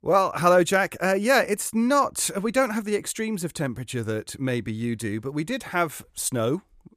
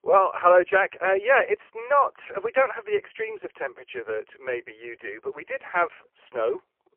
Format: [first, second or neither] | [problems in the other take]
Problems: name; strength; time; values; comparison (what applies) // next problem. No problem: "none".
first | phone-call audio; poor line